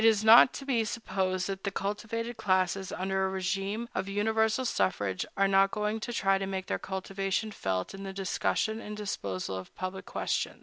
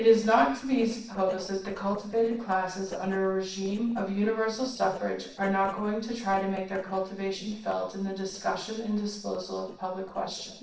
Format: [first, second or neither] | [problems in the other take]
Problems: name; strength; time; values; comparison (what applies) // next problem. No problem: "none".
first | noise reduction (neural separator model SepFormer DNS4)